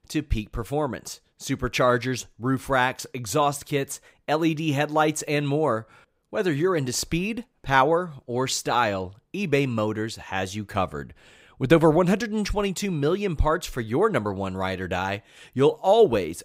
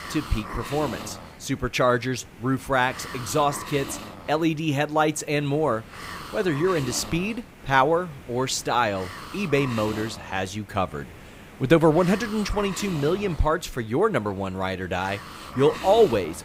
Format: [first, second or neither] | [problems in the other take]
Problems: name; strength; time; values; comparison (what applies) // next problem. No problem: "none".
first | hiss; noticeable; throughout; 15 dB below the speech